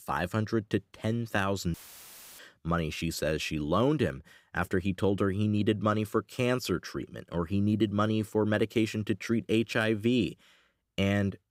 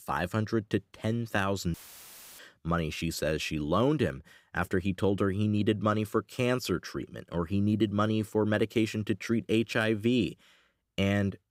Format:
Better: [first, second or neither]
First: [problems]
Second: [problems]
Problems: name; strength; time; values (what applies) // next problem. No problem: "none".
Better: neither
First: audio cutting out; filled with static; at 1.5 s for 0.5 s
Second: audio cutting out; filled with static; at 1.5 s for 0.5 s